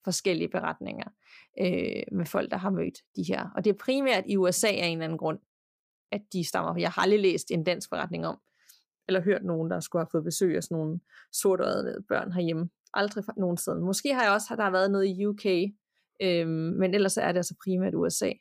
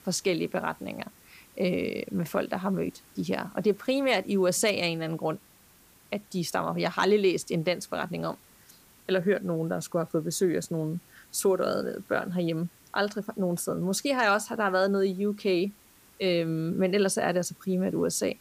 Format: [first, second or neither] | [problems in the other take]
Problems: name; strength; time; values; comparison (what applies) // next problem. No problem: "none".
first | hiss; faint; throughout; 25 dB below the speech